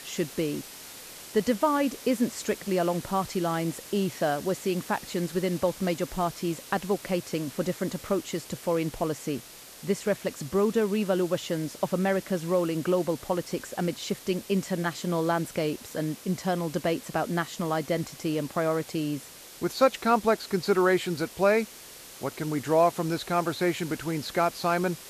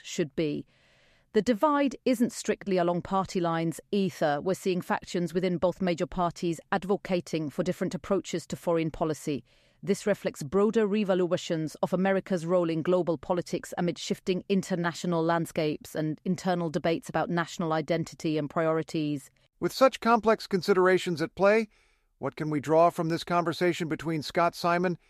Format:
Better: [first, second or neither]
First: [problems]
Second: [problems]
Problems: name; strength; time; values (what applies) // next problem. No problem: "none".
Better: second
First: hiss; noticeable; throughout; 15 dB below the speech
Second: none